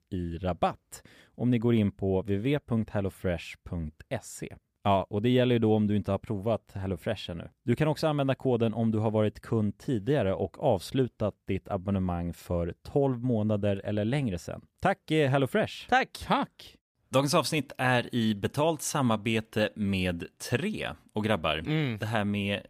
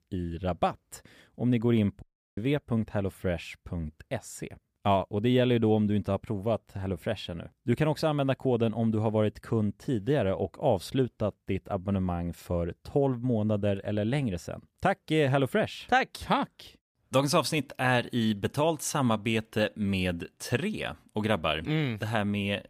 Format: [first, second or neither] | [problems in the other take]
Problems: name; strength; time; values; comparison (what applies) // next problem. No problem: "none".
first | audio cutting out; at 2 s